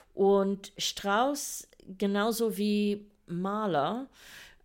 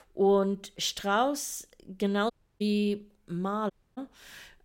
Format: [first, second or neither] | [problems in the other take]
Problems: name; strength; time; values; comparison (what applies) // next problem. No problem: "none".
first | audio cutting out; at 2.5 s and at 3.5 s